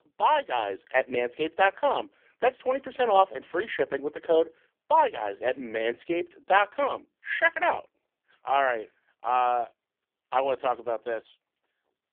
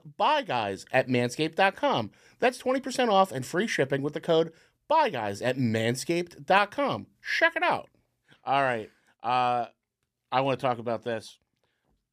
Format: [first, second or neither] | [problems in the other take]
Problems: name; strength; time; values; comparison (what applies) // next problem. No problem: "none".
second | phone-call audio; poor line; nothing above 3.5 kHz